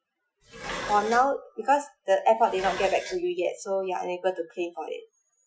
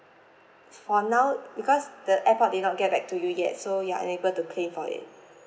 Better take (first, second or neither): second